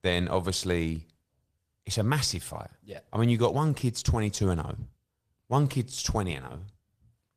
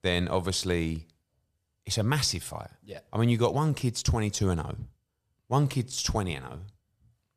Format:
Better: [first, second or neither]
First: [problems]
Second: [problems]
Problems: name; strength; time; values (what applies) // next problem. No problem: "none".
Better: second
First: garbled, watery; slightly; nothing above 14.5 kHz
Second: none